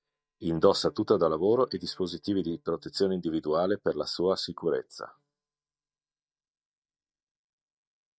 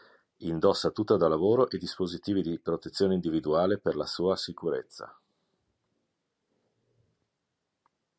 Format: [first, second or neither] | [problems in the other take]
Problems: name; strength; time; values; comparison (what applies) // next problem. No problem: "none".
second | noise reduction (neural mask model DeepFilterNet 3)